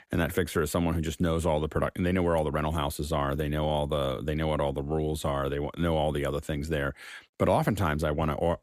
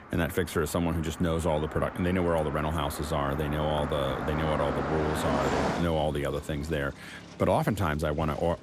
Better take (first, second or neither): first